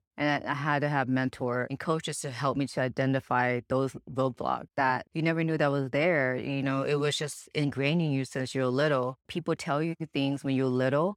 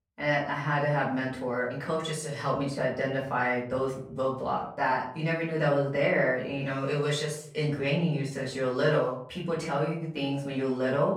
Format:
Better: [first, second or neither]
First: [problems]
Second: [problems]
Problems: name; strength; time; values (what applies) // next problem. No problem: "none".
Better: first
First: none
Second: room echo; slight; dies away in 0.4 s // off-mic speech; far